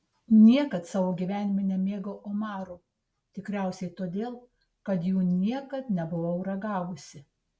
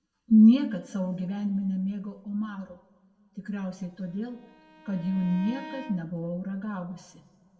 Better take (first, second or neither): first